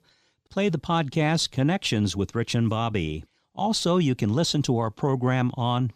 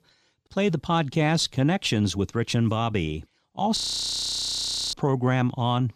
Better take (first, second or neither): first